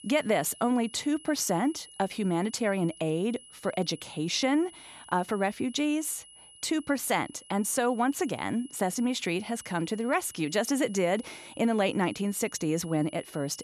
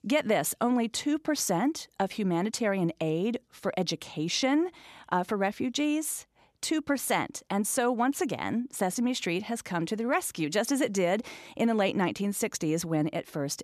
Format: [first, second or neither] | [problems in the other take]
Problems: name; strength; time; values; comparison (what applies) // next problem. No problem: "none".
second | high-pitched whine; noticeable; throughout; 10 kHz, 20 dB below the speech